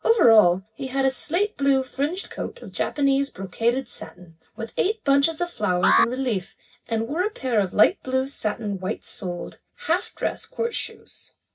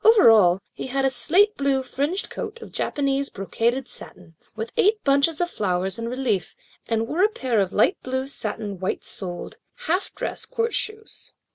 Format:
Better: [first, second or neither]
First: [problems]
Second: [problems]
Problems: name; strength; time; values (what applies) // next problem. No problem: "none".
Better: second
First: background sound (Alarm); 3 dB below the speech // room echo; dies away in 0.4 s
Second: none